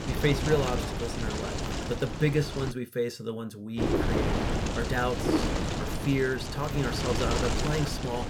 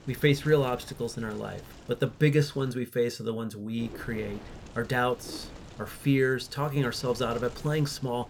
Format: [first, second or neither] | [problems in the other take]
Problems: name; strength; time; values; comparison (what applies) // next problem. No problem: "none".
second | wind noise on the microphone; heavy; until 2.5 s and from 4 s on; 1 dB below the speech; occasional gusts in the second